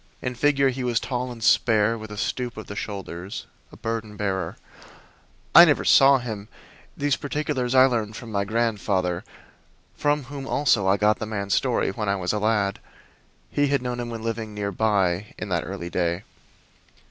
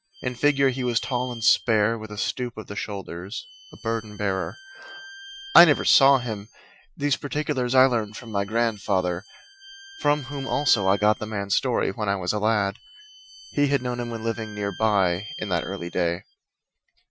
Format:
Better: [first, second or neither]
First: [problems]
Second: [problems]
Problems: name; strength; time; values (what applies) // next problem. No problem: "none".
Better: first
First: none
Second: noise reduction (classical method Wiener filter)